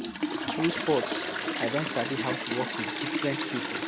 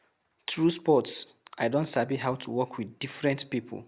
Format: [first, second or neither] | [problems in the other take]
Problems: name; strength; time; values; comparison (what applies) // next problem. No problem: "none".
second | background sound (Toilet flush); as loud as the speech